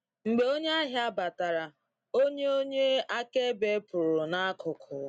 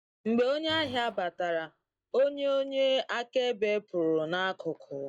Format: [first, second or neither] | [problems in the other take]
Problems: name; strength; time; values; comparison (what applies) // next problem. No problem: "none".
first | noise reduction (neural mask model DeepFilterNet 3)